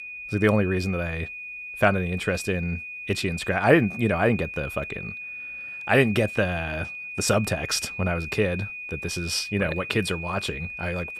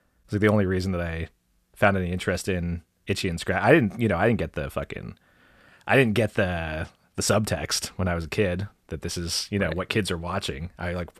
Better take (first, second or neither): second